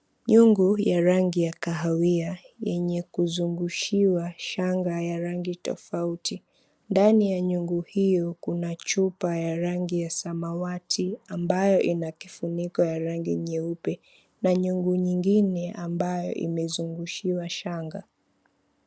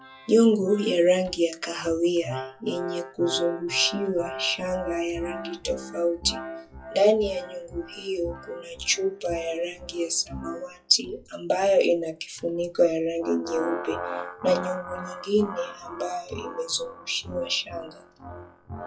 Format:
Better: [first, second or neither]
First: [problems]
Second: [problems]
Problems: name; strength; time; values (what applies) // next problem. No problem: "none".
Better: first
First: none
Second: noise reduction (classical method WPE with log-MMSE)